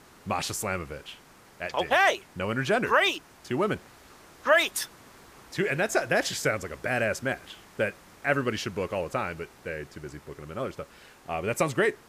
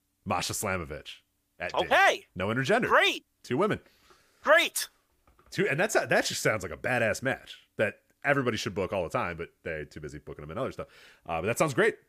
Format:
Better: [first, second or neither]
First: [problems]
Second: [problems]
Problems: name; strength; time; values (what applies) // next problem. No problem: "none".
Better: second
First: hiss; faint; throughout; 25 dB below the speech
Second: none